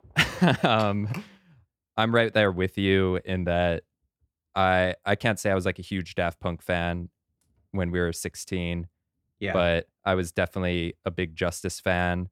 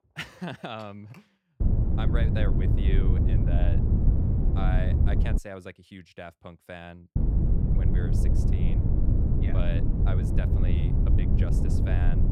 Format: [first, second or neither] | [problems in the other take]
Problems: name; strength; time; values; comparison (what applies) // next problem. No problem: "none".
first | wind noise on the microphone; heavy; from 1.5 to 5.5 s and from 7 s on; 1 dB above the speech